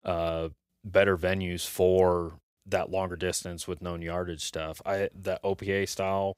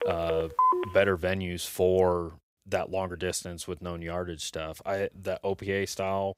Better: first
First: none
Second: phone ringing; loud; at the start; peak 5 dB above the speech

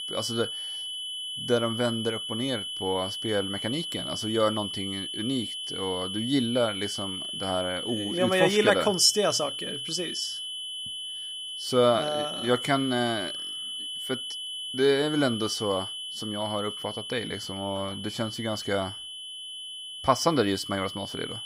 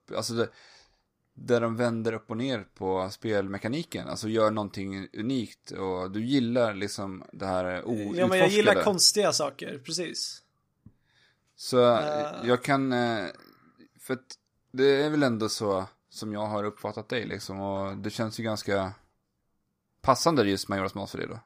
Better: second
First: high-pitched whine; loud; throughout; 3 kHz, 5 dB below the speech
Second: none

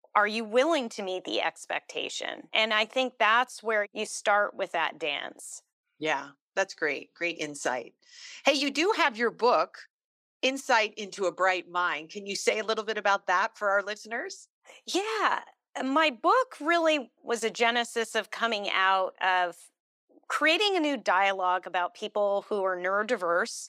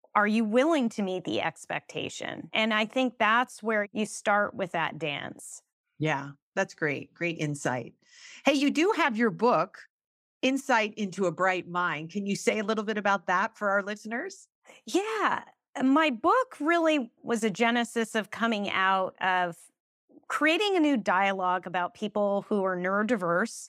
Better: second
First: thin; somewhat; fading below 450 Hz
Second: none

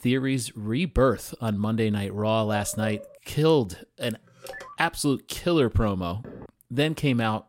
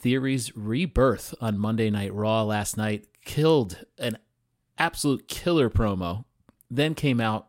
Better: second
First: dog barking; noticeable; at 2.5 s; peak 9 dB below the speech // phone ringing; faint; at 4.5 s; peak 15 dB below the speech // door banging; faint; at 6 s; peak 20 dB below the speech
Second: none

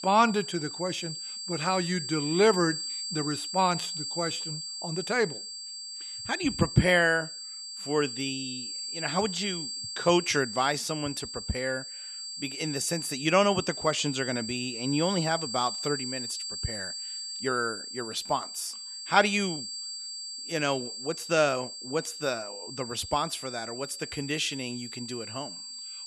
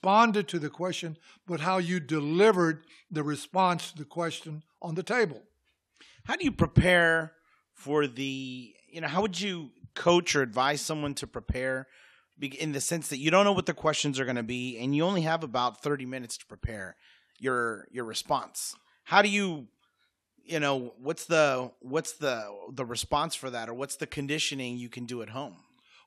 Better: second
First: high-pitched whine; loud; throughout; 4.5 kHz, 6 dB below the speech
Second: none

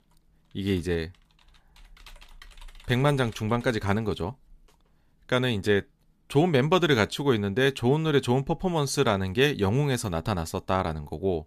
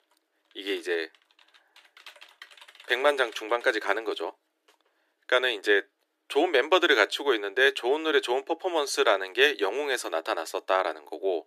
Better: first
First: none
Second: thin; very; fading below 300 Hz

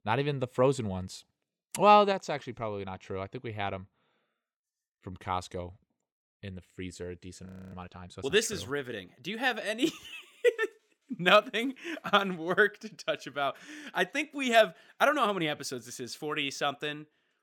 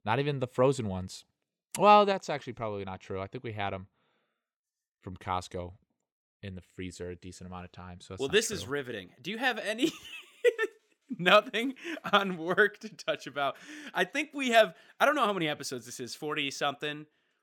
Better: second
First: audio freezing; at 7.5 s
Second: none

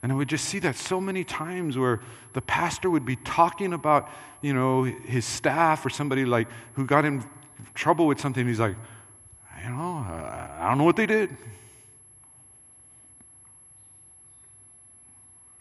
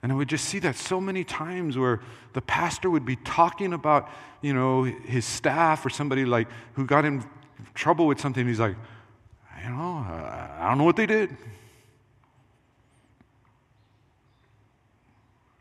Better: second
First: high-pitched whine; faint; throughout; 11 kHz, 25 dB below the speech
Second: none

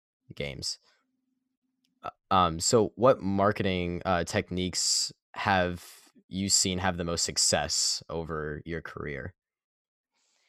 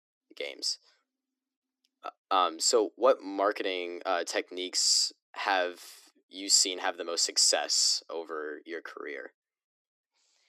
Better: first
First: none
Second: thin; somewhat; fading below 300 Hz

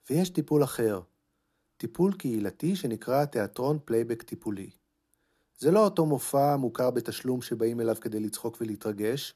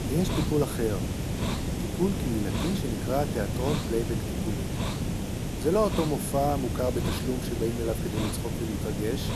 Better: first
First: none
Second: hiss; loud; throughout; 1 dB below the speech

